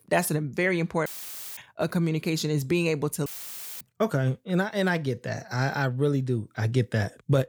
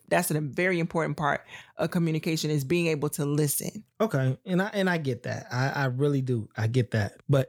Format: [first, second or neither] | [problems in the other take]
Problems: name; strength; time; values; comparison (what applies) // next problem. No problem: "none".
second | audio cutting out; filled with static; at 1 s for 0.5 s and at 3.5 s for 0.5 s